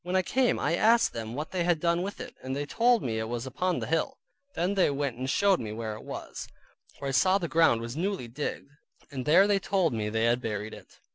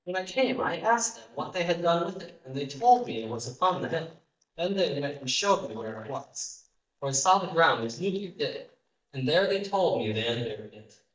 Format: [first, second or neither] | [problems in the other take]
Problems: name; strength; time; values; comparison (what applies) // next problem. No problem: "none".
first | noise reduction (neural mask model DeepFilterNet 3)